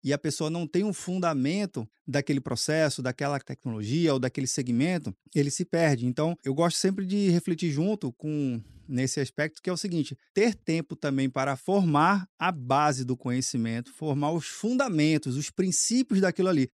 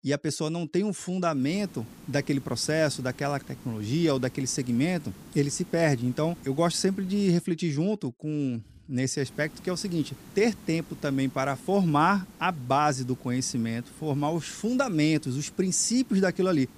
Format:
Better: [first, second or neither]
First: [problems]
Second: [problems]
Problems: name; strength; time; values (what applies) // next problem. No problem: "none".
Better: first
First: none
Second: hiss; faint; from 1.5 to 7.5 s and from 9 s on; 20 dB below the speech